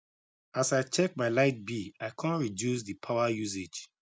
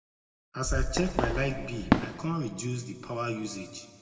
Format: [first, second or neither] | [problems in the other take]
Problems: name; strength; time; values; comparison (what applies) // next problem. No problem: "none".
first | background sound (Fireworks); 1 dB above the speech // room echo; dies away in 1.8 s